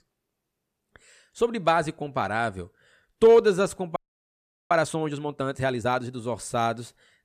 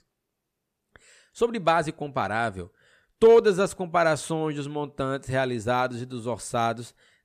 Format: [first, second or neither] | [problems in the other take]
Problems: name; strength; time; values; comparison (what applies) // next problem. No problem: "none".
second | audio freezing; at 4 s for 1 s